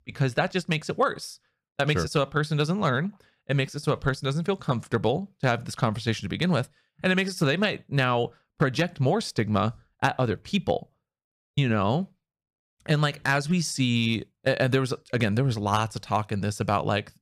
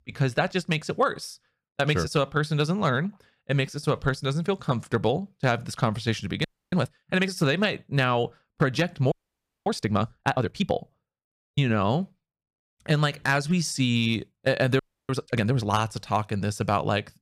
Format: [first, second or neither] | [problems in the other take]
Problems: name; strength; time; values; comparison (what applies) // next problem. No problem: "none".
first | audio freezing; at 6.5 s, at 9 s for 0.5 s and at 15 s